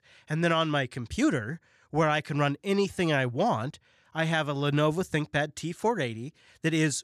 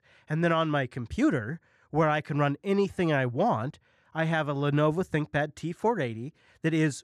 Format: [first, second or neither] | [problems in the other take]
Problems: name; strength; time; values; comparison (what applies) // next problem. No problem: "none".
first | muffled; slightly; fading above 2.5 kHz